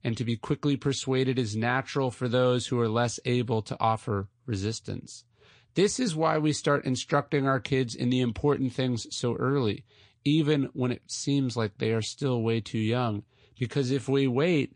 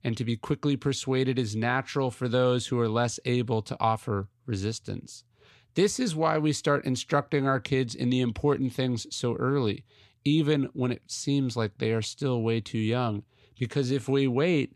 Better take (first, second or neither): second